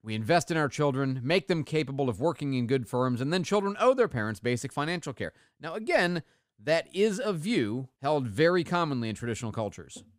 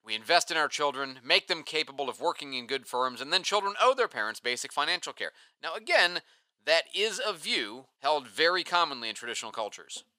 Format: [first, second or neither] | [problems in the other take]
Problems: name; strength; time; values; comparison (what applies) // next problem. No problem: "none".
first | thin; very; fading below 700 Hz